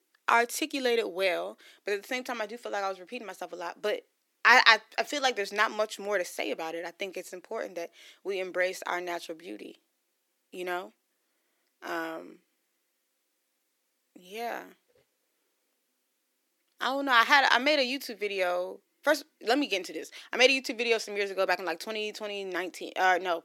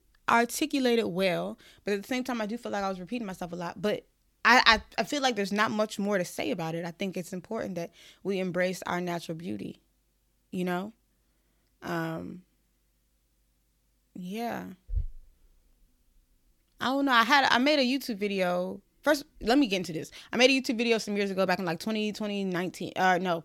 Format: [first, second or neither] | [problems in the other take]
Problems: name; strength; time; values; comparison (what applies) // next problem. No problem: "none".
second | thin; somewhat; fading below 300 Hz